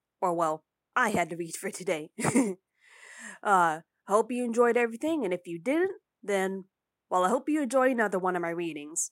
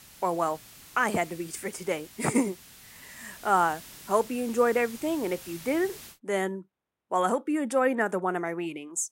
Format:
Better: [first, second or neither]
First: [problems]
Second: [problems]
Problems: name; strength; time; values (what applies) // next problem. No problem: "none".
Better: first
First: none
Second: hiss; noticeable; until 6 s; 15 dB below the speech